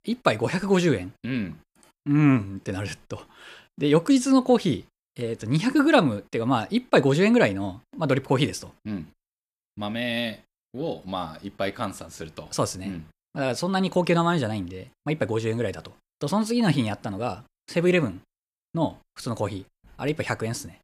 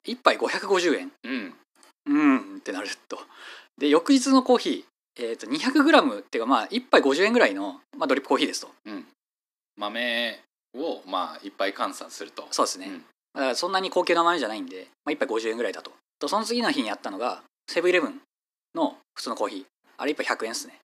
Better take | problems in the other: first | thin; very slightly; fading below 250 Hz

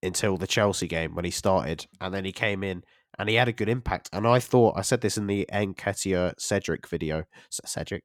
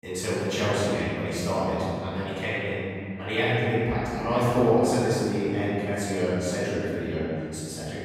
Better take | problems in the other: first | off-mic speech; far // room echo; strong; dies away in 2.5 s

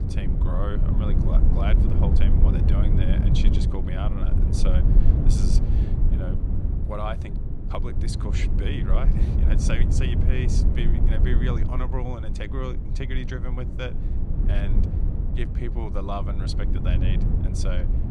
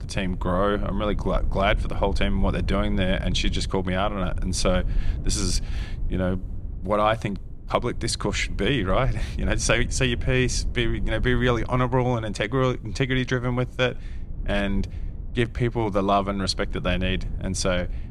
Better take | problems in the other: second | low rumble; loud; throughout; 2 dB below the speech; faint in the second

